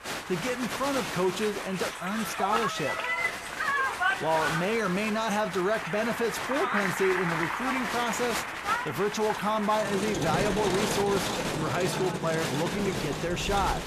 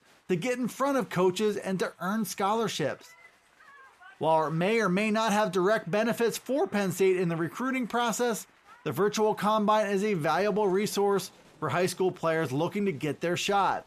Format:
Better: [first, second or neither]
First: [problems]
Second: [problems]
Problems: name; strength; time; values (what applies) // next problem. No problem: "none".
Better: second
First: crowd noise; loud; throughout; 1 dB below the speech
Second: crowd noise; faint; throughout; 30 dB below the speech